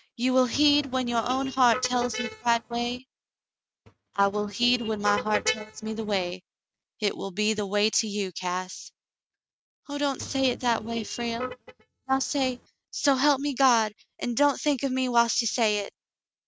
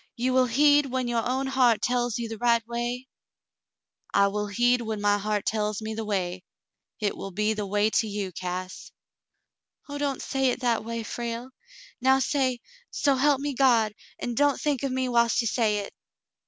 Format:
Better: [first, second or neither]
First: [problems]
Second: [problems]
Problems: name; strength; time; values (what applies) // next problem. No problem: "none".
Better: second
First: noise reduction (neural mask model RNNoise)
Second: none